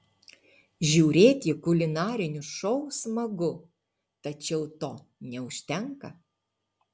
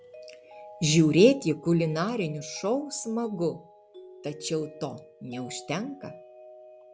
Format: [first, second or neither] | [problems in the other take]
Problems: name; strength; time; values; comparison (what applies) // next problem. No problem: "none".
first | background sound (Mallet percussion); 19 dB below the speech